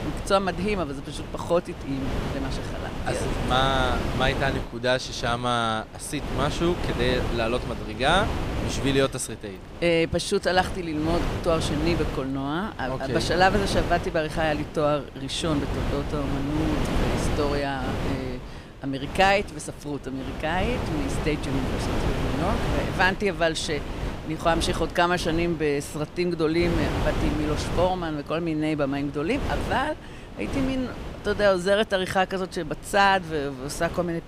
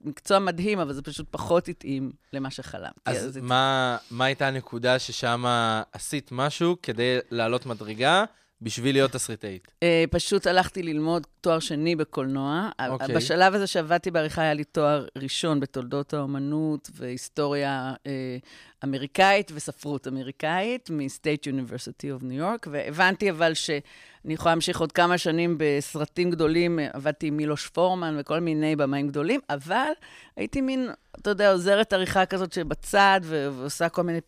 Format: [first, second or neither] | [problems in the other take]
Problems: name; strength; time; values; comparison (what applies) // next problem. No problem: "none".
second | wind noise on the microphone; heavy; 9 dB below the speech